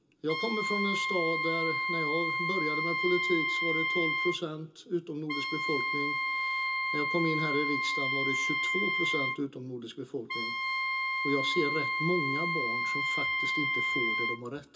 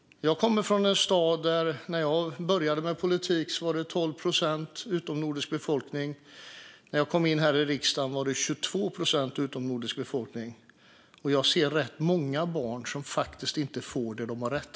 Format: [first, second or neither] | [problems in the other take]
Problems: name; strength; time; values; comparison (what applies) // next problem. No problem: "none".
second | background sound (Wind instrument, woodwind instrument); 3 dB above the speech // room echo; dies away in 0.2 s